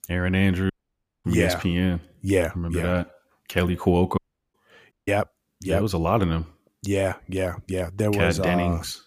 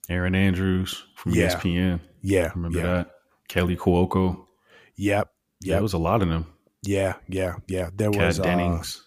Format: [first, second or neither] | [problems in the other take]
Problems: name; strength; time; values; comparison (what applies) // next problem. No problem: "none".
second | audio cutting out; at 0.5 s for 0.5 s, at 4 s and at 5 s